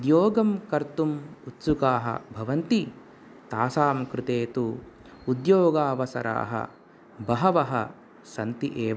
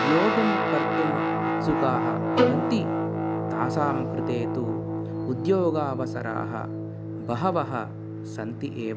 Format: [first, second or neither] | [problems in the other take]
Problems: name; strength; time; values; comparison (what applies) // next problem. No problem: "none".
first | background sound (Bowed string instrument + Guitar); 2 dB above the speech